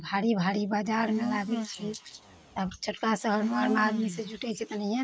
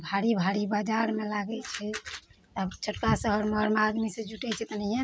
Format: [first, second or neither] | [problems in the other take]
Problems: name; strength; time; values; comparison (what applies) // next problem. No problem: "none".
second | noise reduction (neural mask model Resemble Enhance denoiser)